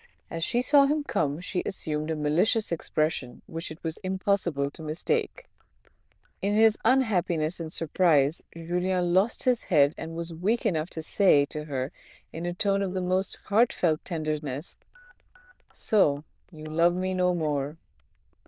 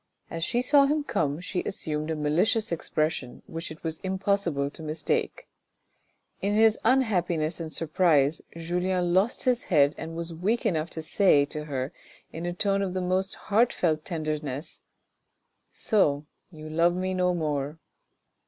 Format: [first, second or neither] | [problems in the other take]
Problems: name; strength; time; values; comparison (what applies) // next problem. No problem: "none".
second | noise reduction (neural diffusion model UNIVERSE++)